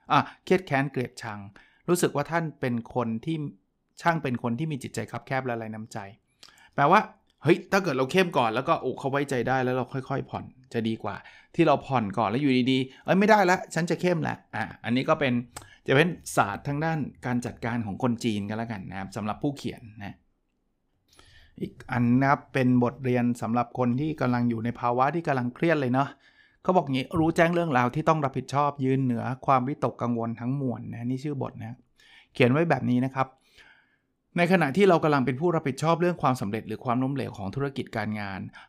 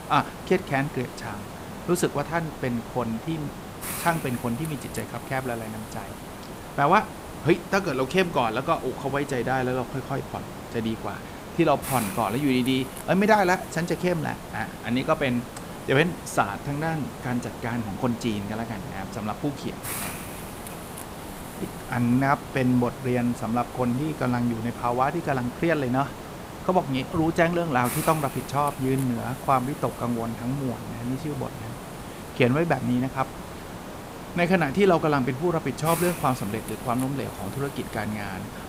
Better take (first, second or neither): first